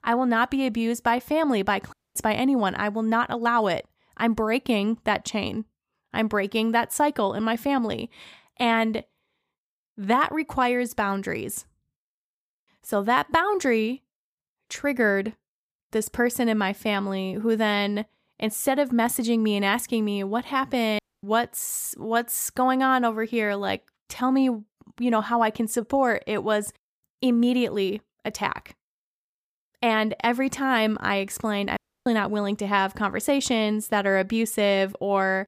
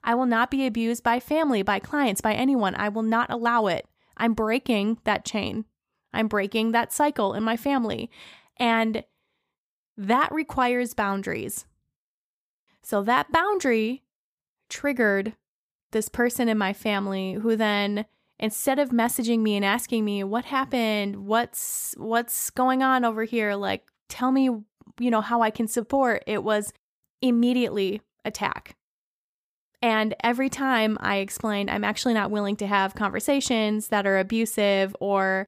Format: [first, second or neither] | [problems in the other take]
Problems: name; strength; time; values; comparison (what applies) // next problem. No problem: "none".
second | audio cutting out; at 2 s, at 21 s and at 32 s